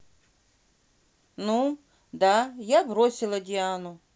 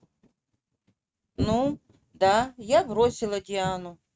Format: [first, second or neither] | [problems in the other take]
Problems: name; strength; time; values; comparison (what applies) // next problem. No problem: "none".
first | noise reduction (neural mask model RNNoise)